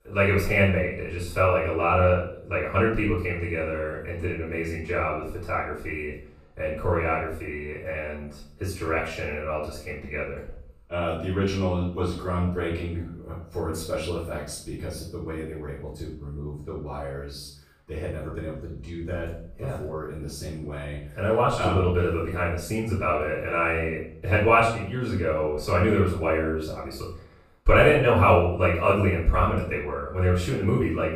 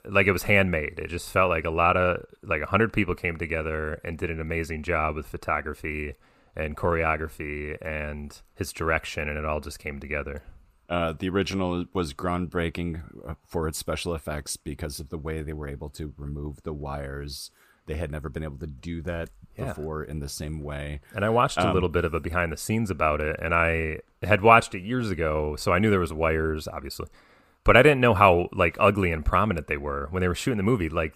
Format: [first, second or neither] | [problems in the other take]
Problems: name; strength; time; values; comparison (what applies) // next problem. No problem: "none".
second | off-mic speech; far // room echo; noticeable; dies away in 0.5 s